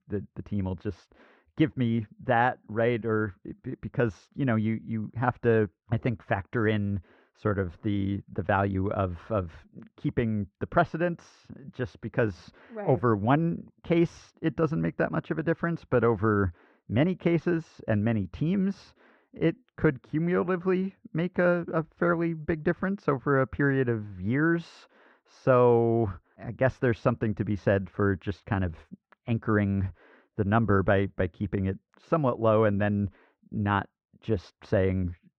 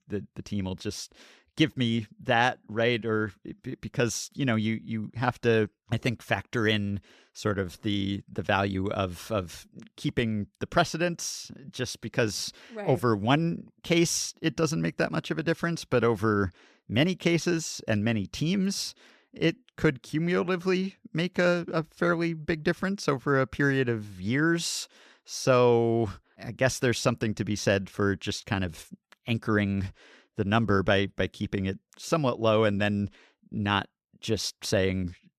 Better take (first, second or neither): second